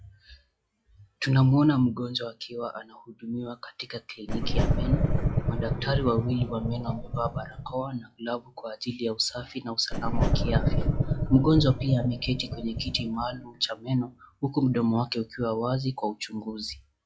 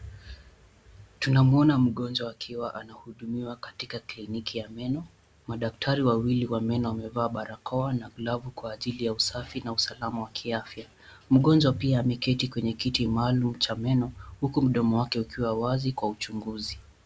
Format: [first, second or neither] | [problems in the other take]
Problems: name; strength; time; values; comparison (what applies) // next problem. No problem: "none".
second | noise reduction (classical method log-MMSE)